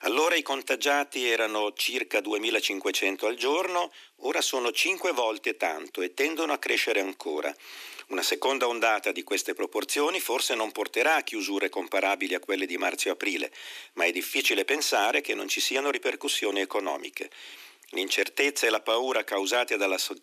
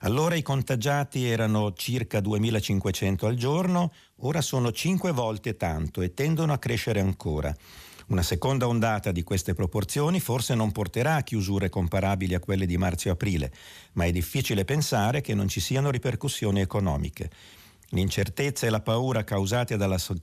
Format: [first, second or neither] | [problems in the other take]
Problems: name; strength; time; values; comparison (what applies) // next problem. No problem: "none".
second | thin; very; fading below 300 Hz